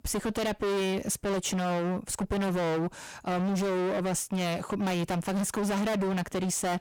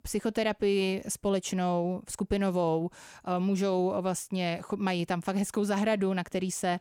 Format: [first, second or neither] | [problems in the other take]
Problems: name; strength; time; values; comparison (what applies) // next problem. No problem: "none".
second | distortion; heavy; 38% of the sound clipped